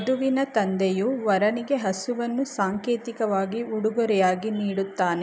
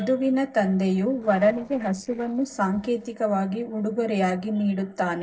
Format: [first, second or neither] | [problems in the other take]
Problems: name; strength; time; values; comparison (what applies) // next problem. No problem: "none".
first | noise reduction (neural separator model SepFormer DNS4)